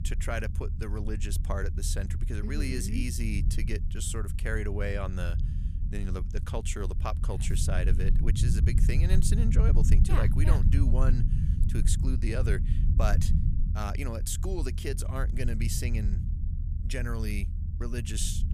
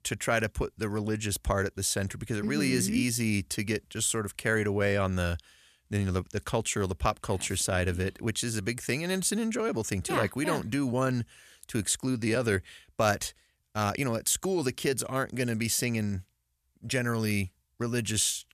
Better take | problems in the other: second | low rumble; loud; throughout; 8 dB below the speech

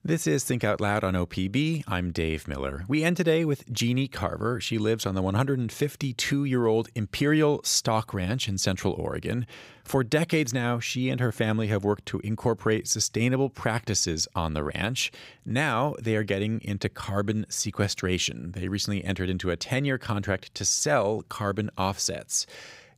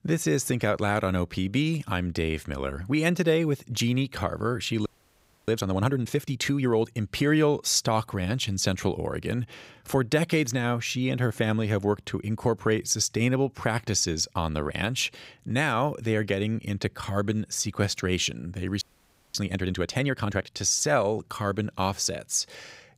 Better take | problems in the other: first | audio freezing; at 5 s for 0.5 s and at 19 s for 0.5 s

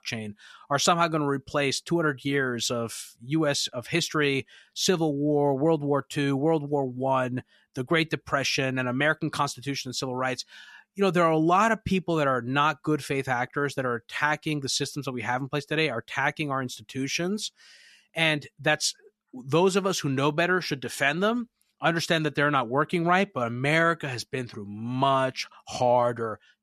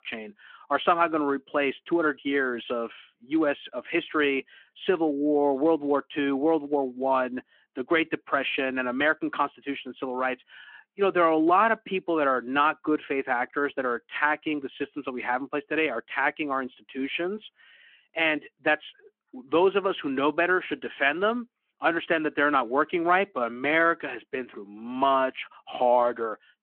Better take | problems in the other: first | phone-call audio

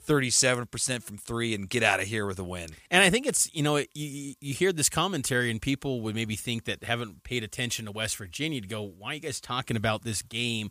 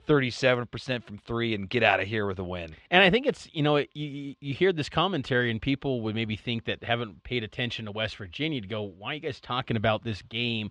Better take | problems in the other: first | muffled; very; fading above 3.5 kHz

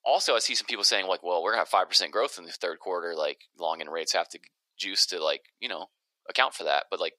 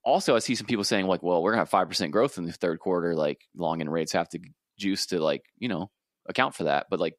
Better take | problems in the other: second | thin; very; fading below 500 Hz

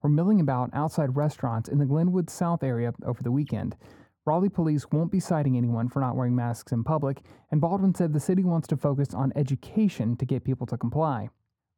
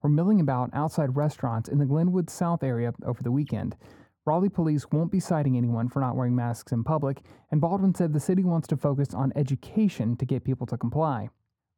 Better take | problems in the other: neither | muffled; very; fading above 1.5 kHz; the same in both

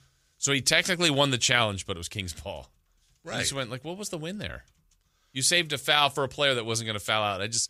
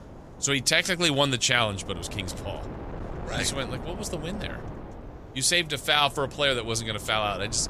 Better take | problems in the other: first | wind noise on the microphone; occasional gusts; 20 dB below the speech

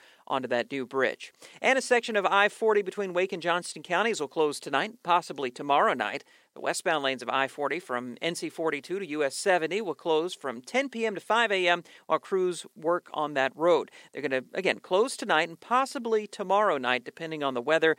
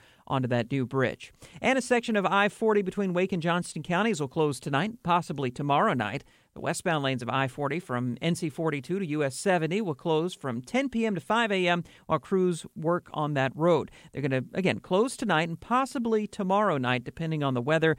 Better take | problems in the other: second | thin; somewhat; fading below 400 Hz

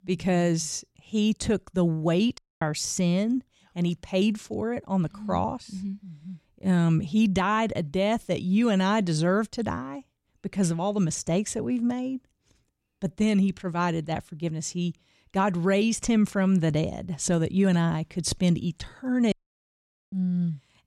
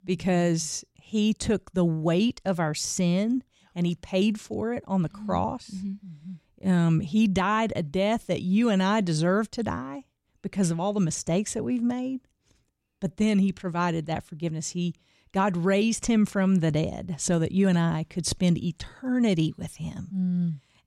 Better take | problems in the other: second | audio cutting out; at 2.5 s and at 19 s for 1 s

